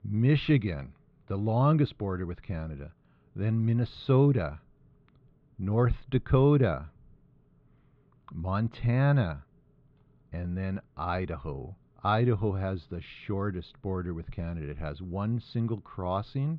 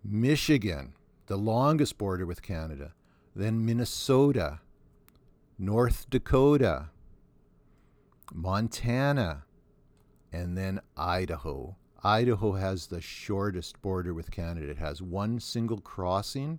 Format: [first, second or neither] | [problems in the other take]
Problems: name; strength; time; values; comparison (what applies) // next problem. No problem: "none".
second | muffled; slightly; fading above 3.5 kHz